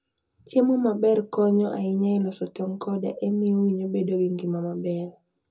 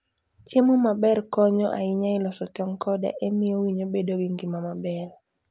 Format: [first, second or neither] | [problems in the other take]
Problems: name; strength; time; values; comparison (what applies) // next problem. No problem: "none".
second | room echo; dies away in 0.2 s